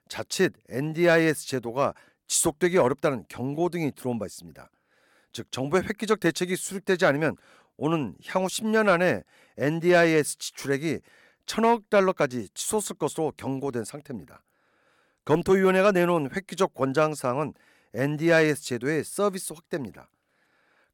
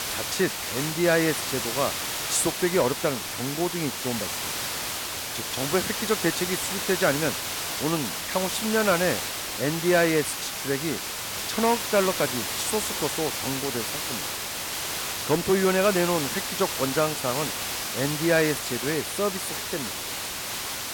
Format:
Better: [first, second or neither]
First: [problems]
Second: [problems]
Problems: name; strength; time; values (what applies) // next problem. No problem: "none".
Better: first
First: none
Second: hiss; loud; throughout; 2 dB below the speech